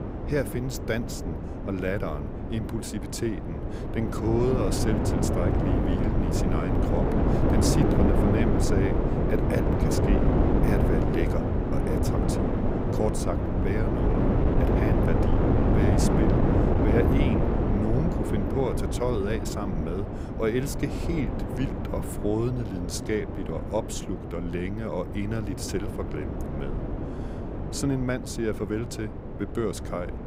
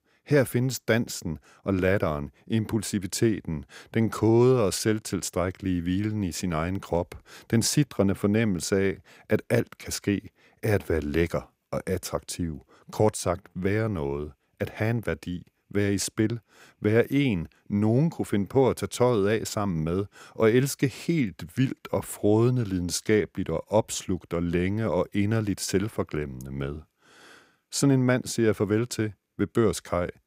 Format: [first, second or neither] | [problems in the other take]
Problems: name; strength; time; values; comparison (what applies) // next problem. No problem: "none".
second | wind noise on the microphone; heavy; 2 dB above the speech